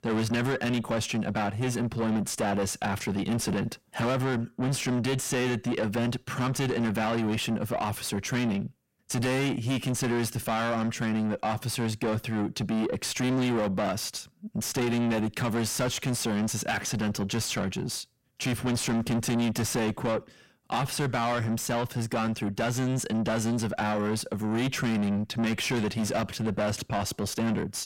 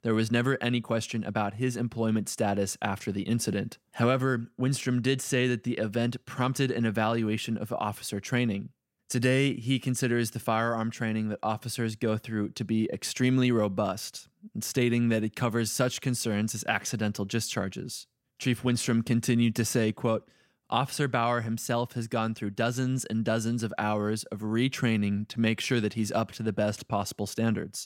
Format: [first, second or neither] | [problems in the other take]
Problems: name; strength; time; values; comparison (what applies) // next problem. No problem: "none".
second | distortion; heavy; 7 dB below the speech